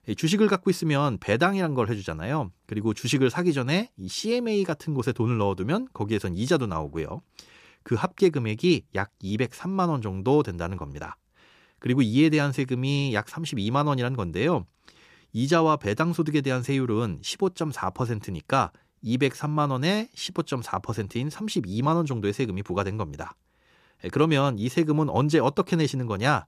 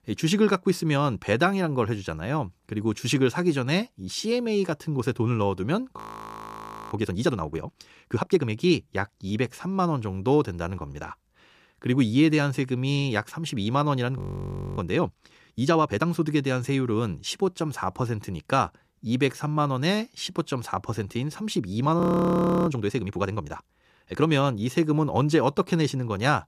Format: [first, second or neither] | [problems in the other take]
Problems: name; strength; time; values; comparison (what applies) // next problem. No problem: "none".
first | audio freezing; at 6 s for 1 s, at 14 s for 0.5 s and at 22 s for 0.5 s